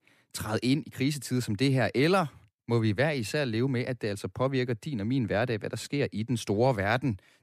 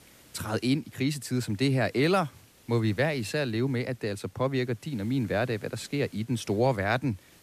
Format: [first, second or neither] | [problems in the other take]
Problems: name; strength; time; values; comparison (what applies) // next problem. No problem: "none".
first | hiss; faint; throughout; 25 dB below the speech